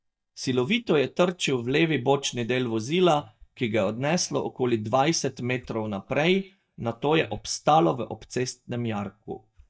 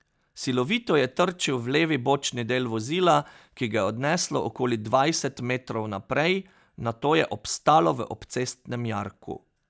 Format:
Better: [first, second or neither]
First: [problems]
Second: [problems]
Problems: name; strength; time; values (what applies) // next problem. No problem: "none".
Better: second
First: noise reduction (neural mask model DeepFilterNet 3)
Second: none